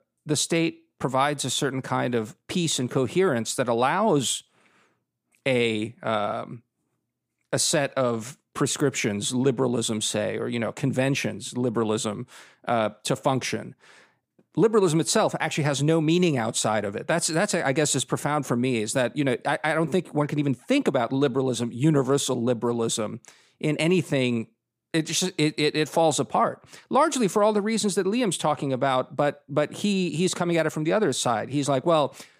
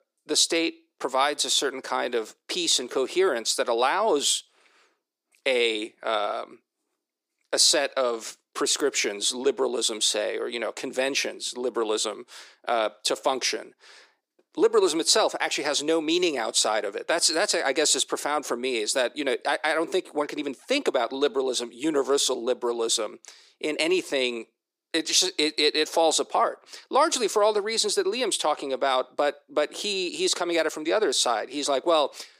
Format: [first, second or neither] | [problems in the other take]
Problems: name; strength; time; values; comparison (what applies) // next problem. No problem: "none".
first | thin; somewhat; fading below 350 Hz